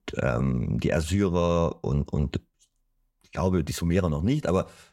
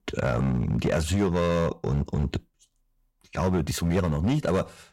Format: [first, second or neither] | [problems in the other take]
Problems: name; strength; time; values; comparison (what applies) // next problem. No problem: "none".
first | distortion; slight; 9% of the sound clipped